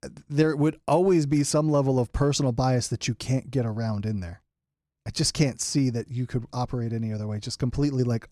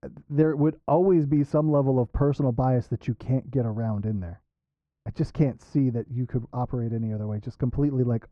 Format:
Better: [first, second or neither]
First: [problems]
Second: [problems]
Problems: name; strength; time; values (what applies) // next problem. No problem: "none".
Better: first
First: none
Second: muffled; very; fading above 3 kHz